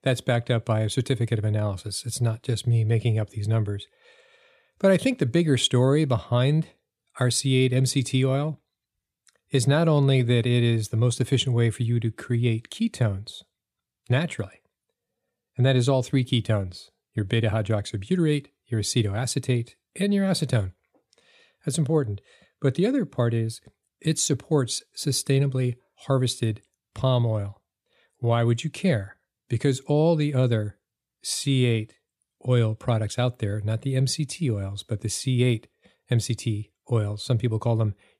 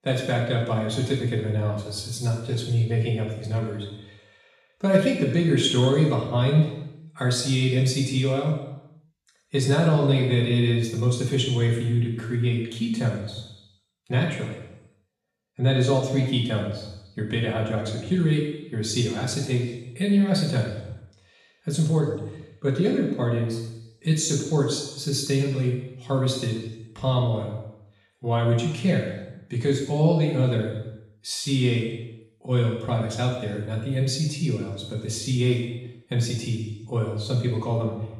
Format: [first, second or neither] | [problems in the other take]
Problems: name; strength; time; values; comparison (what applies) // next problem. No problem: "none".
first | room echo; noticeable; dies away in 0.9 s // off-mic speech; far